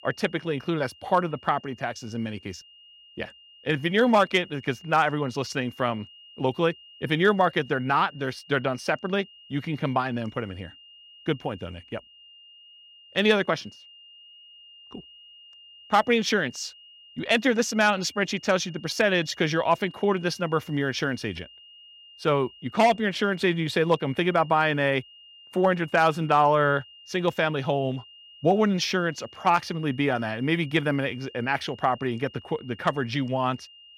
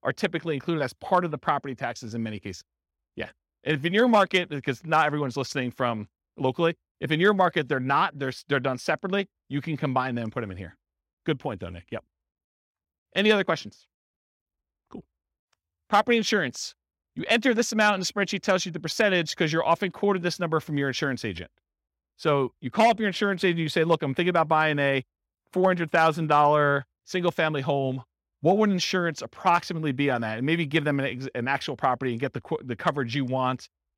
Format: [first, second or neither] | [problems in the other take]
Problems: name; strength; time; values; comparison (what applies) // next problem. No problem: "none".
second | high-pitched whine; faint; throughout; 3 kHz, 25 dB below the speech